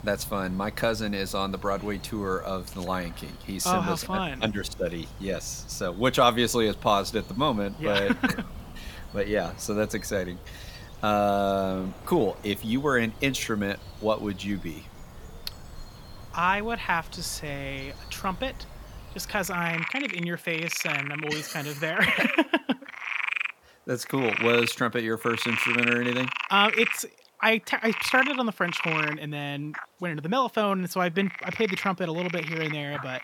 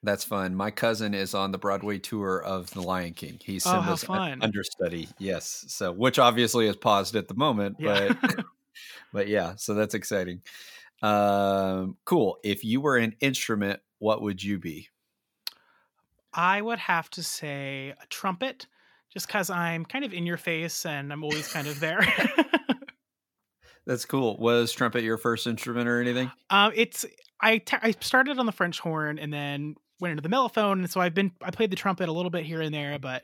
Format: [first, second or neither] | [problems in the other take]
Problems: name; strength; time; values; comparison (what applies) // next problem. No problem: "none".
second | animal sounds; loud; throughout; 5 dB below the speech